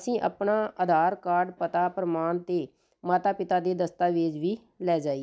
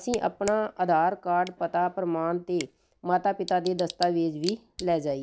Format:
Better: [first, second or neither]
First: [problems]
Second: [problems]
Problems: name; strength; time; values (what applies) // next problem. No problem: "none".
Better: first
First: none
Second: background sound (Tick / Bicycle); 17 dB below the speech